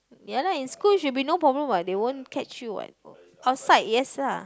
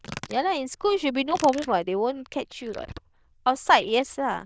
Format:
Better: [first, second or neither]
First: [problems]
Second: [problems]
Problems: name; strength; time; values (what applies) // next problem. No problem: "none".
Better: first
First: none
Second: noise reduction (neural diffusion model UNIVERSE++)